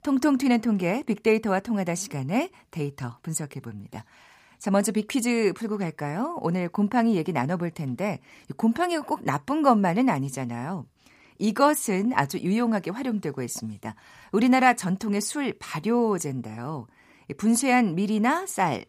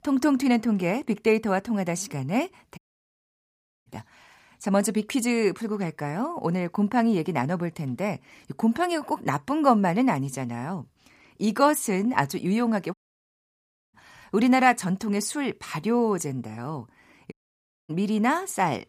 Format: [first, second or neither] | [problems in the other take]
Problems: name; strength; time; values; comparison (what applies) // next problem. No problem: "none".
first | audio cutting out; at 3 s for 1 s, at 13 s for 1 s and at 17 s for 0.5 s